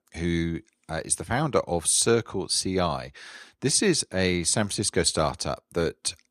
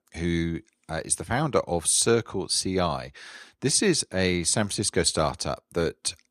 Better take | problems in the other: neither | none

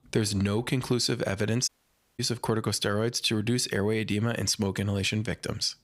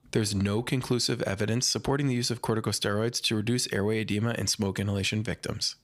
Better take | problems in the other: second | audio cutting out; at 1.5 s for 0.5 s

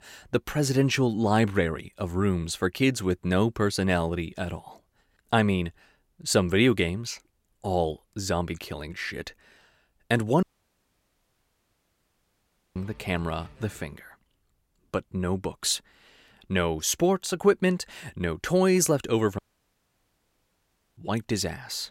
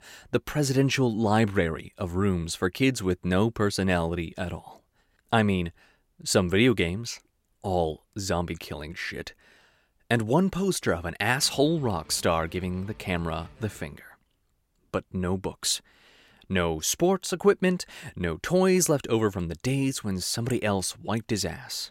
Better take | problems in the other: second | audio cutting out; at 10 s for 2.5 s and at 19 s for 1.5 s

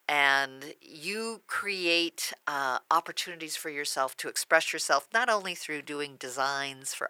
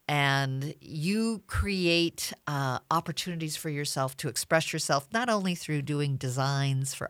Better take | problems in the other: second | thin; very; fading below 350 Hz

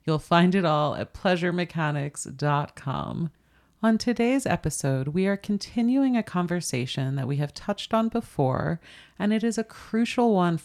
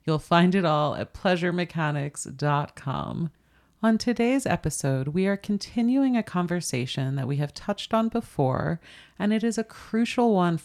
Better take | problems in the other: neither | none

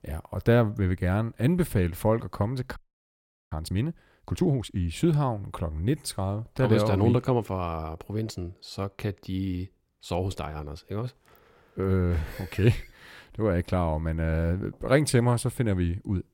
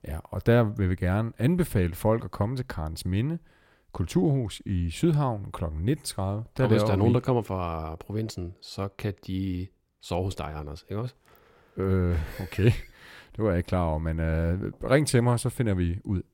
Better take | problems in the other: second | audio freezing; at 3 s for 1 s

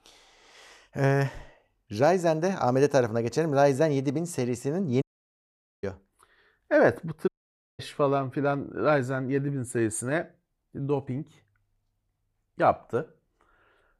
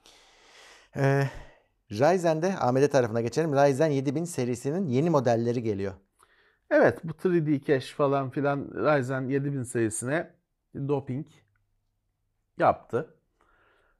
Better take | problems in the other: second | audio cutting out; at 5 s for 1 s and at 7.5 s for 0.5 s

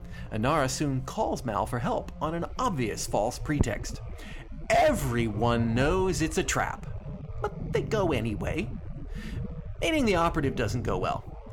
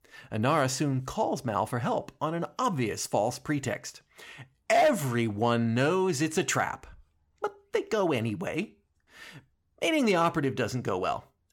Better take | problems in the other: second | low rumble; noticeable; throughout; 20 dB below the speech

